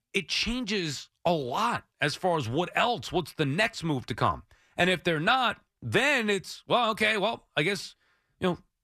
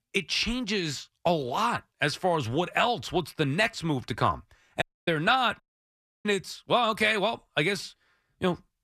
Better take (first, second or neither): first